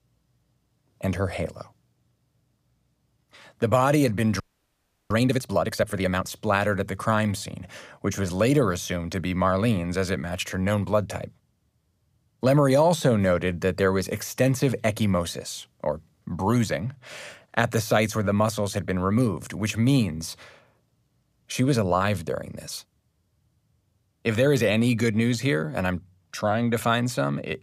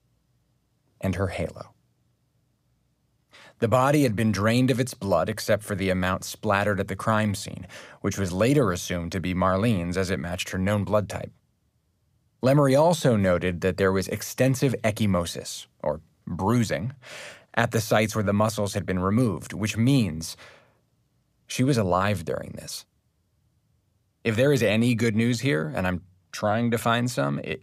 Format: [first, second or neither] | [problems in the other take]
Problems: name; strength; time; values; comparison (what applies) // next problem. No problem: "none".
second | audio freezing; at 4.5 s for 0.5 s